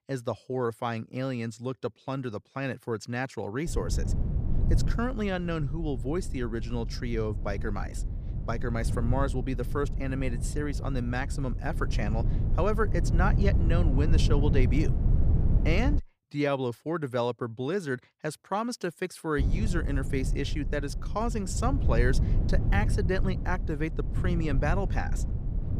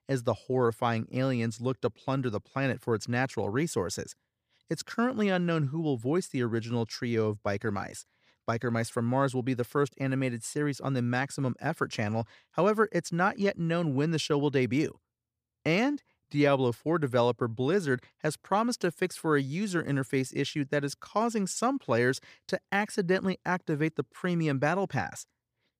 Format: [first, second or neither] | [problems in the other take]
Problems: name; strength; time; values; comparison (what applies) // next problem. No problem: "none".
second | low rumble; noticeable; from 3.5 to 16 s and from 19 s on; 10 dB below the speech